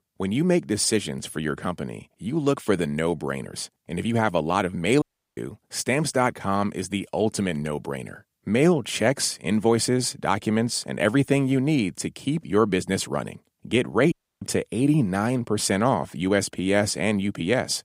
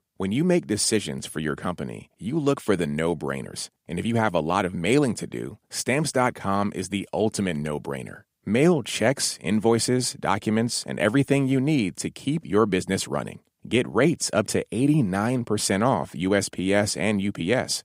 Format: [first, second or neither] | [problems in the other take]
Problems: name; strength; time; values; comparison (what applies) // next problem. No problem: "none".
second | audio cutting out; at 5 s and at 14 s